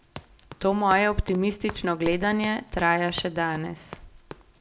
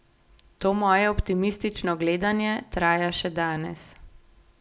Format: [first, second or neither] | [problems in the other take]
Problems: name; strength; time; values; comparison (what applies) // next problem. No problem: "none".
second | background sound (Run); 16 dB below the speech